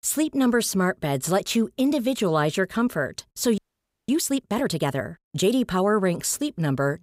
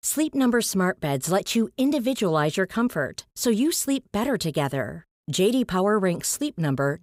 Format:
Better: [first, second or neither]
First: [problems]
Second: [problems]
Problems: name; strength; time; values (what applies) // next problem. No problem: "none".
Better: second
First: audio freezing; at 3.5 s for 0.5 s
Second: none